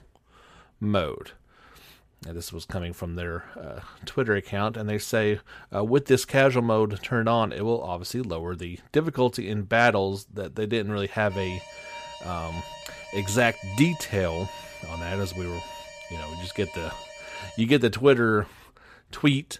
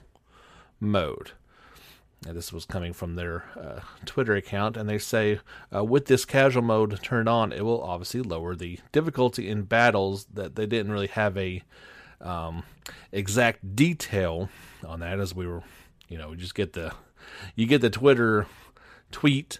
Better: second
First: alarm; faint; from 11 to 18 s; peak 15 dB below the speech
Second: none

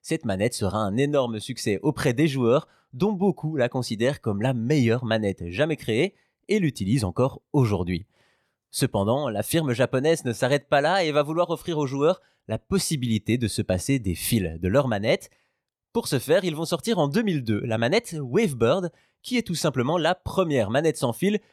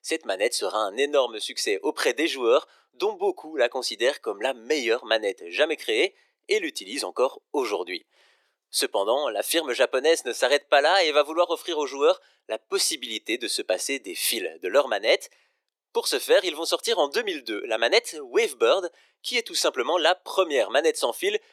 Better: first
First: none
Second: thin; very; fading below 350 Hz

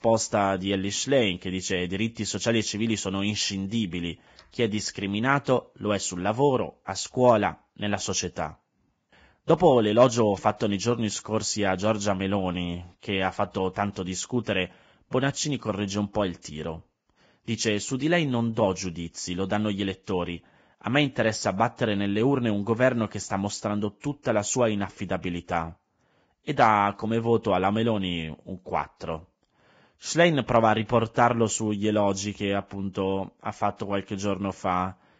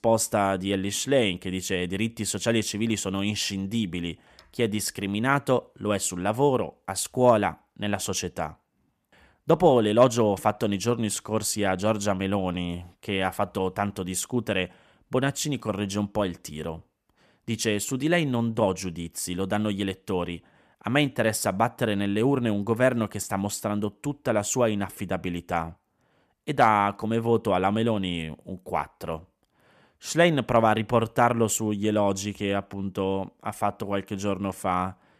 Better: second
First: garbled, watery; badly; nothing above 7.5 kHz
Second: none

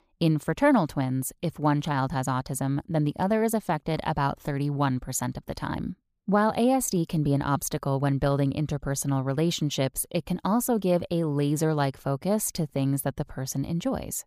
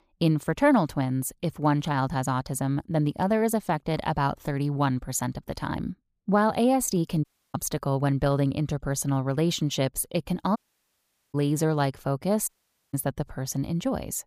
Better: first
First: none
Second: audio cutting out; at 7 s, at 11 s for 1 s and at 12 s

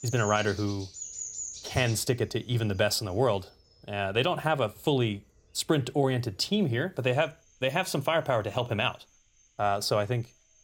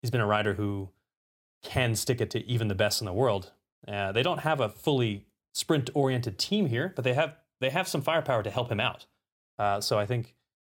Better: second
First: animal sounds; noticeable; throughout; 10 dB below the speech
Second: none

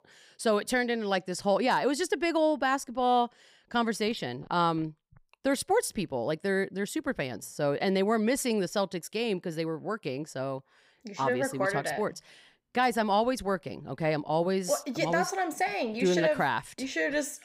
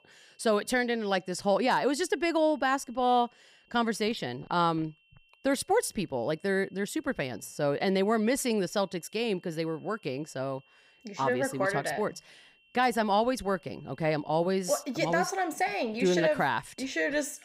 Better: first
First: none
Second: high-pitched whine; faint; throughout; 2.5 kHz, 35 dB below the speech

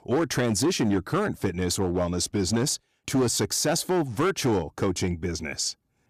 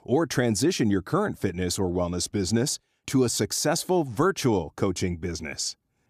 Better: second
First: distortion; slight; 8% of the sound clipped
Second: none

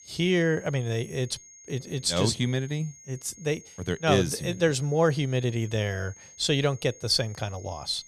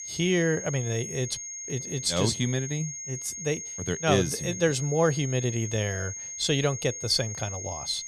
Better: first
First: high-pitched whine; faint; throughout; 6.5 kHz, 20 dB below the speech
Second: high-pitched whine; loud; throughout; 6.5 kHz, 7 dB below the speech

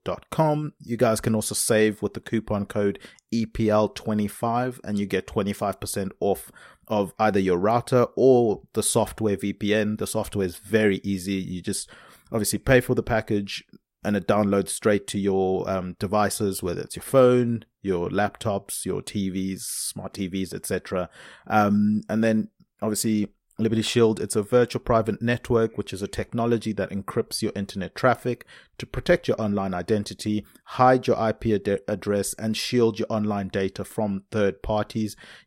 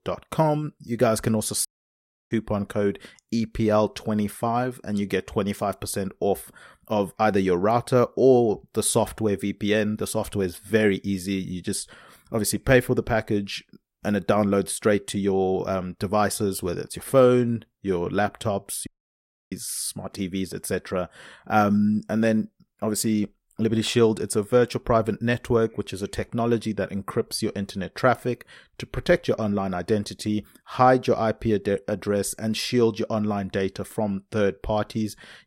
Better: first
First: none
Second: audio cutting out; at 1.5 s for 0.5 s and at 19 s for 0.5 s

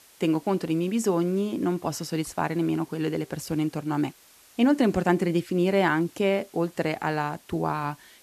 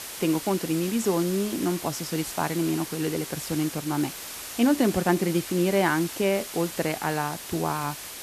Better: first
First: hiss; faint; throughout; 25 dB below the speech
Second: hiss; loud; throughout; 9 dB below the speech

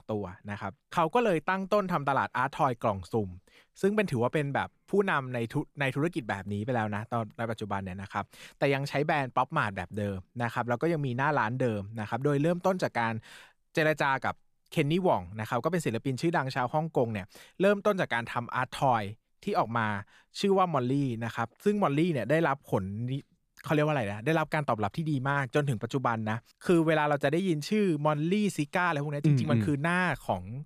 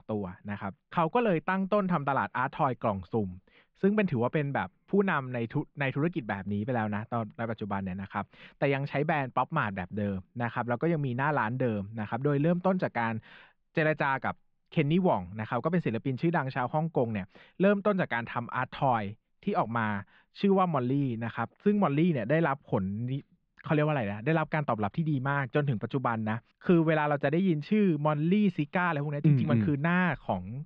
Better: first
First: none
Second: muffled; slightly; fading above 3.5 kHz

